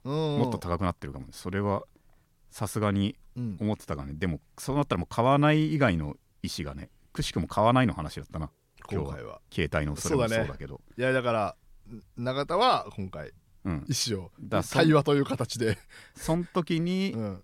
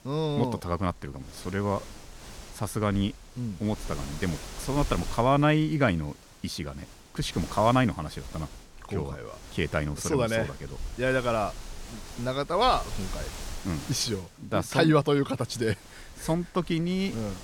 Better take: first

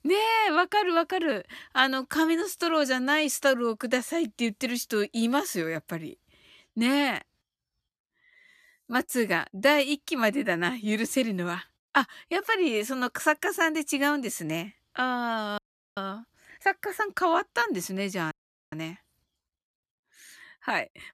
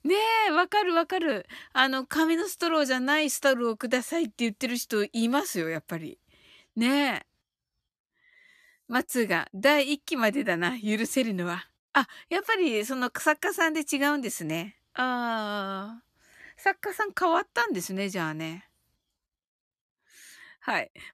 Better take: second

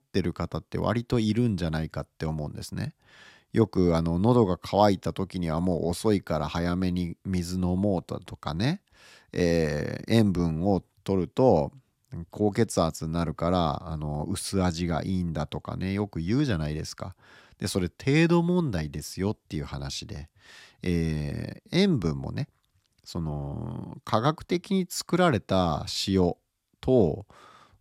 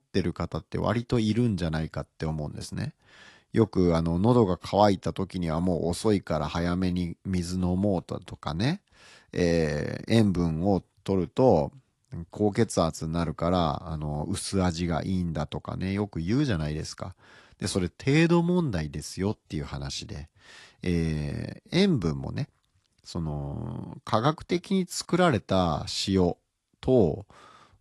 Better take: first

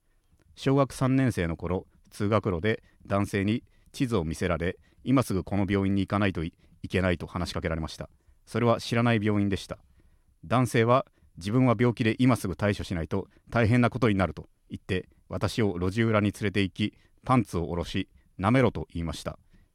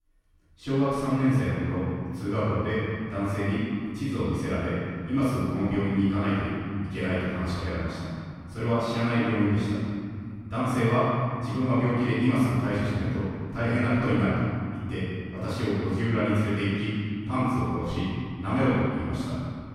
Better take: first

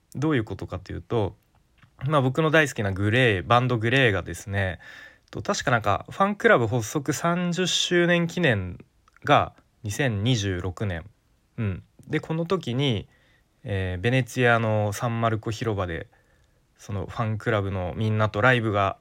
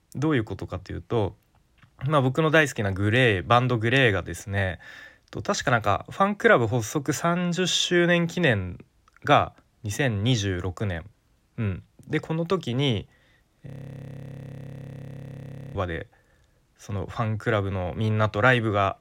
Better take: first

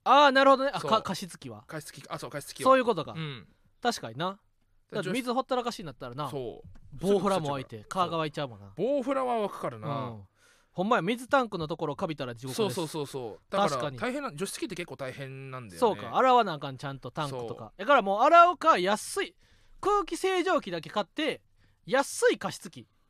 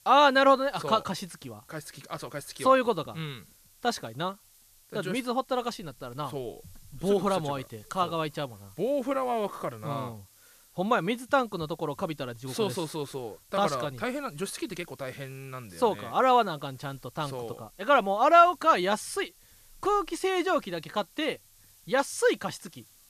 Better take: first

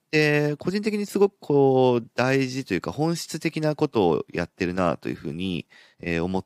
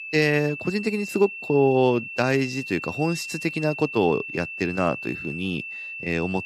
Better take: first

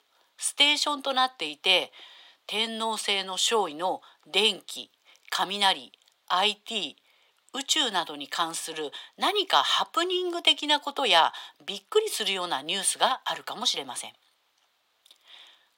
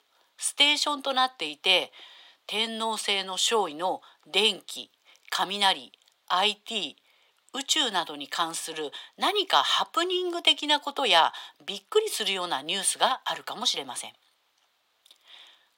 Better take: neither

